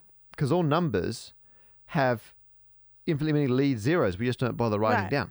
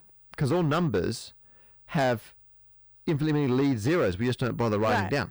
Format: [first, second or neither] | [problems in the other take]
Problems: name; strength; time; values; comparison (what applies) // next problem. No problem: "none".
first | distortion; slight; 9% of the sound clipped